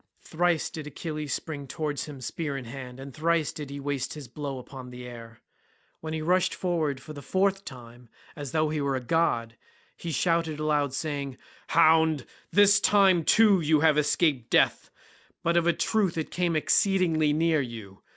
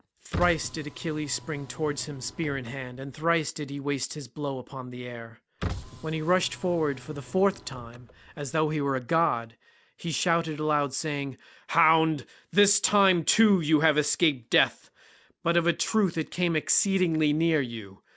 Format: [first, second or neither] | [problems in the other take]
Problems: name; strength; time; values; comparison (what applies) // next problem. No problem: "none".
first | background sound (Car); 13 dB below the speech